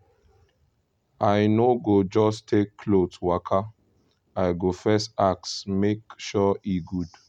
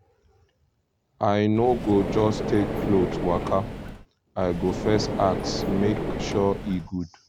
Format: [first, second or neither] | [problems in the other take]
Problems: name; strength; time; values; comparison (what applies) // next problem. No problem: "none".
first | background sound (Car); 4 dB below the speech